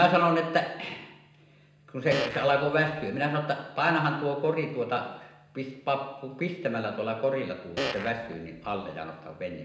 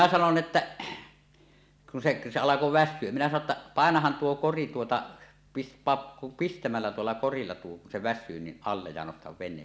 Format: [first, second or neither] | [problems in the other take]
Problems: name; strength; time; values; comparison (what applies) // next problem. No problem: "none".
second | background sound (Fart); 8 dB below the speech // room echo; dies away in 0.8 s